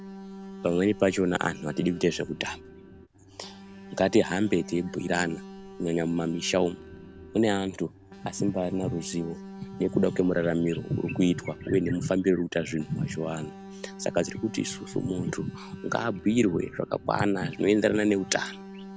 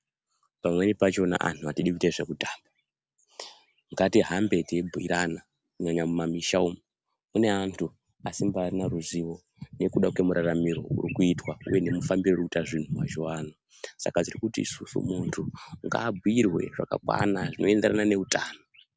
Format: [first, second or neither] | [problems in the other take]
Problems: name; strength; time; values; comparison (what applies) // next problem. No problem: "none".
second | background sound (Alarm); 16 dB below the speech